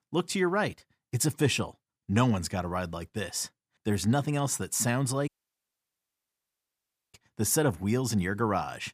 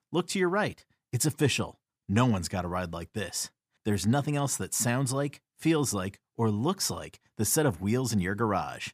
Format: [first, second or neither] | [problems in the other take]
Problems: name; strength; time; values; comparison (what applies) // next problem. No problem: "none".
second | audio cutting out; at 5.5 s for 2 s